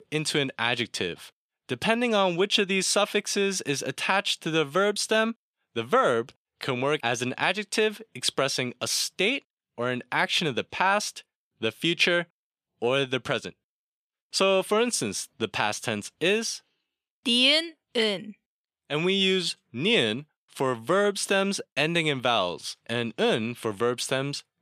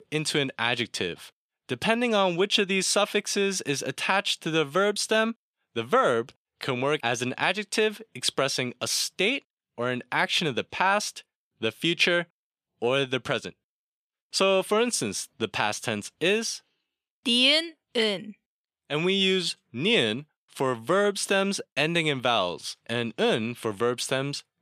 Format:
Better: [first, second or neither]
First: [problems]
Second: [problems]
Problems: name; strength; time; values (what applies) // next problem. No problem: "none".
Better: neither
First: thin; very slightly; fading below 850 Hz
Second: thin; very slightly; fading below 850 Hz